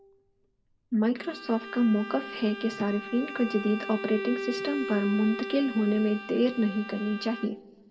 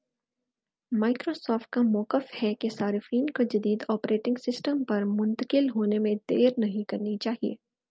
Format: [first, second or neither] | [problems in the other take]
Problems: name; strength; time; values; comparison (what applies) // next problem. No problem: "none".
second | background sound (Bowed string instrument); 10 dB below the speech // room echo; dies away in 1.1 s